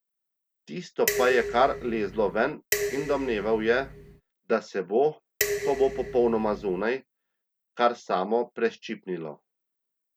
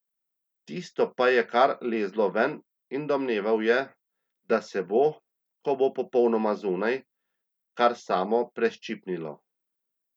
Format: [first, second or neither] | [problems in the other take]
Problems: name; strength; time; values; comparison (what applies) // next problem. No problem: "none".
second | background sound (Dishes, pots, and pans); 5 dB below the speech